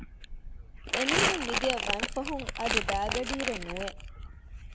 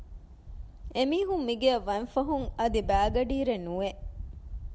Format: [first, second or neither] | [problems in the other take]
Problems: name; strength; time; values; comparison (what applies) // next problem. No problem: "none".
second | background sound (Crumpling, crinkling); 2 dB above the speech